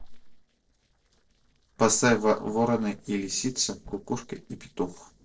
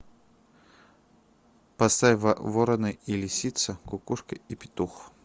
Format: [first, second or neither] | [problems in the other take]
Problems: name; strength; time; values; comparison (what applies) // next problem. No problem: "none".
second | noise reduction (neural separator model SepFormer DNS4)